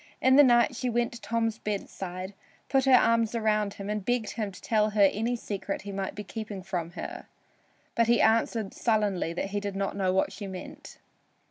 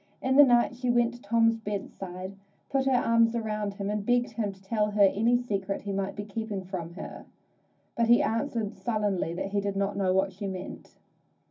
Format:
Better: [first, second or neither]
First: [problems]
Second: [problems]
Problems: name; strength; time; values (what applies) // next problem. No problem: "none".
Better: first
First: none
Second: room echo; dies away in 0.4 s